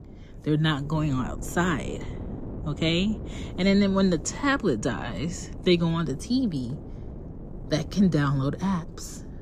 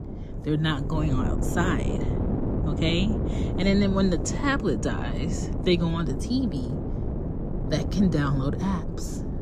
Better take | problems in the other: first | wind noise on the microphone; heavy; 7 dB below the speech; occasional gusts in the first

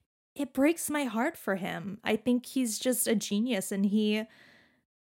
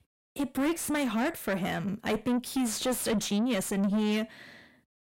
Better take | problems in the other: first | distortion; heavy; 7 dB below the speech

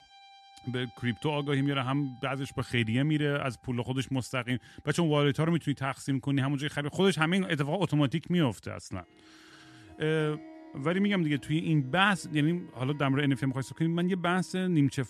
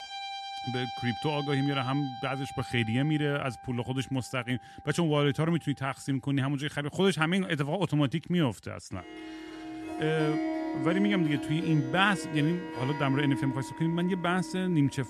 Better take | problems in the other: first | background music; loud; throughout; 8 dB below the speech; faint in the first

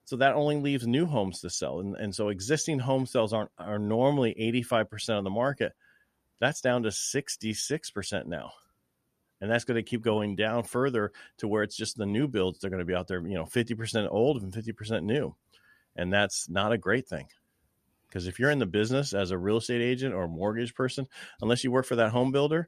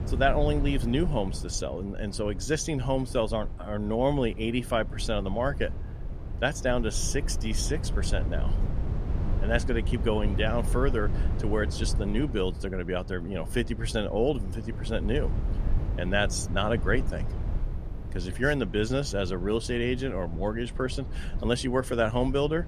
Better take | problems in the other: first | low rumble; noticeable; throughout; 15 dB below the speech

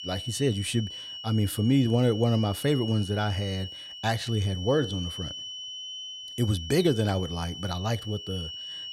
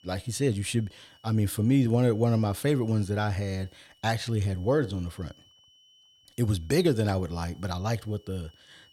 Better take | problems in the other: second | high-pitched whine; loud; throughout; 3 kHz, 10 dB below the speech; faint in the second

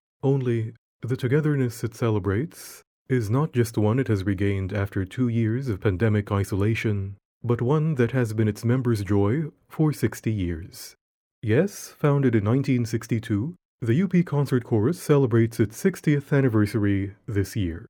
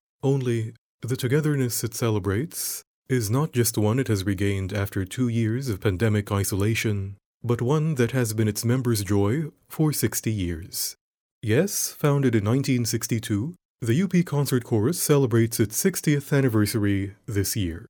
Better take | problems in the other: second | muffled; slightly; fading above 3.5 kHz

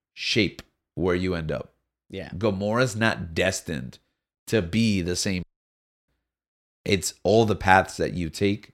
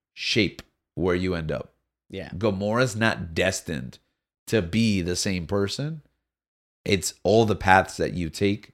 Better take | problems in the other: second | audio cutting out; at 5.5 s for 0.5 s

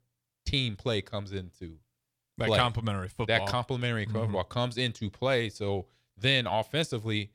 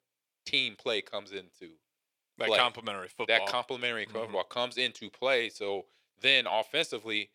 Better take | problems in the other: first | thin; somewhat; fading below 400 Hz

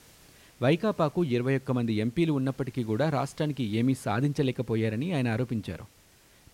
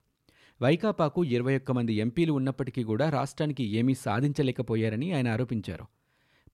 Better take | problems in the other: second | hiss; faint; throughout; 30 dB below the speech

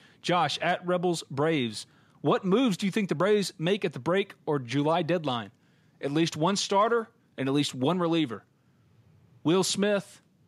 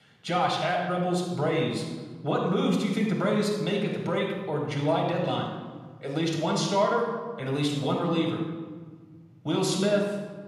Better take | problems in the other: first | off-mic speech; somewhat distant // room echo; noticeable; dies away in 1.3 s

